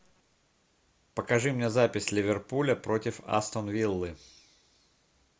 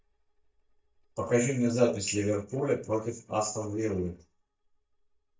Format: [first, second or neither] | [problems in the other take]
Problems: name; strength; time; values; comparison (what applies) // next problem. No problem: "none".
first | noise reduction (neural mask model DeepFilterNet 3)